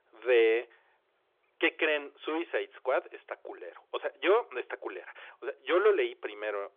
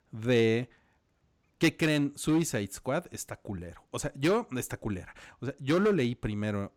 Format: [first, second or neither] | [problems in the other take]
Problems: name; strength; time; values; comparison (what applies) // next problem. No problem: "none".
second | phone-call audio; nothing above 3.5 kHz